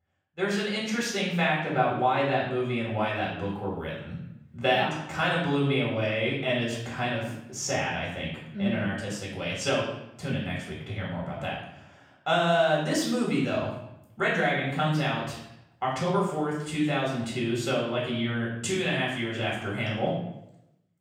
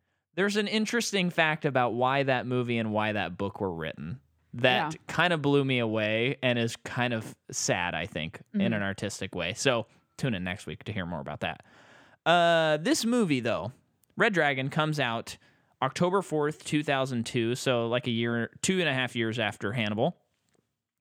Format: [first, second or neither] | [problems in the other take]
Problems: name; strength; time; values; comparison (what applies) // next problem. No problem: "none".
second | off-mic speech; far // room echo; noticeable; dies away in 0.7 s